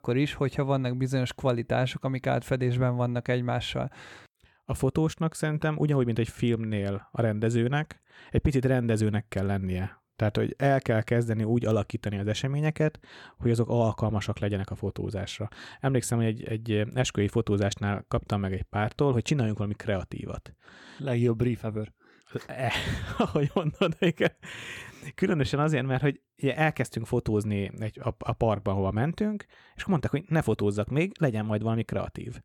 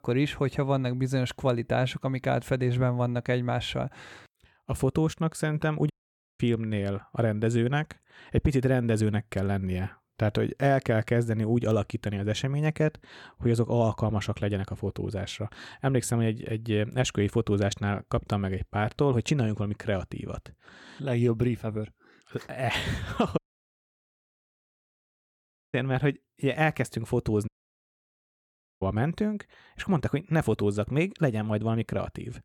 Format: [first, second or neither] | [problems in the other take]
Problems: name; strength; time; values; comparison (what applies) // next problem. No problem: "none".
first | audio cutting out; at 6 s, at 23 s for 2.5 s and at 27 s for 1.5 s